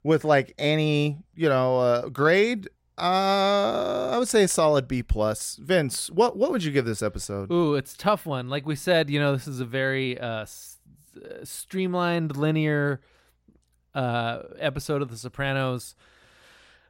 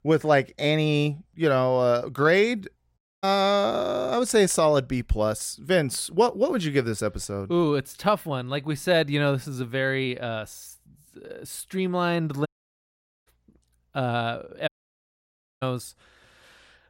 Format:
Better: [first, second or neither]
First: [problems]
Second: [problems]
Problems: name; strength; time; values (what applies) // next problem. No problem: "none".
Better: first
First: none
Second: audio cutting out; at 3 s, at 12 s for 1 s and at 15 s for 1 s